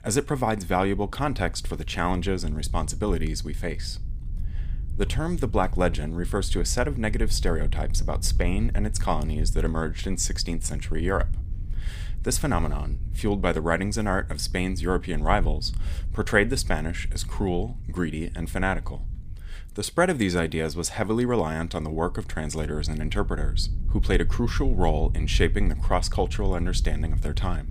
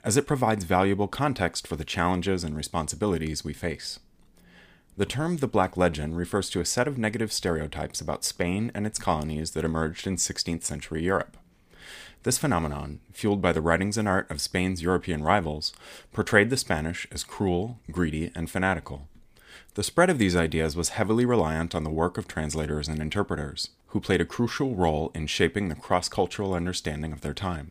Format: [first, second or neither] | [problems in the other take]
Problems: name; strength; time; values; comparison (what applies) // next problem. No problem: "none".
second | low rumble; faint; throughout; 20 dB below the speech